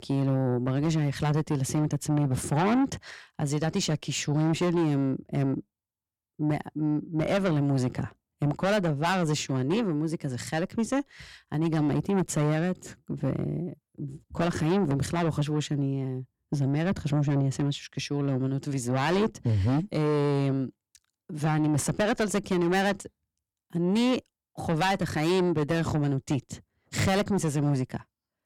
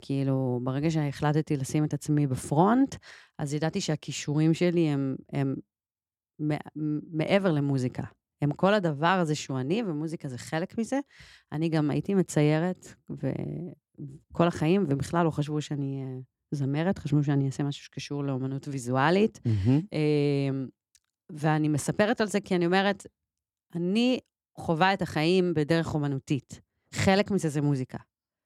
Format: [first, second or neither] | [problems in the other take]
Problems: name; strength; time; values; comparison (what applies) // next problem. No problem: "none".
second | distortion; heavy; 7 dB below the speech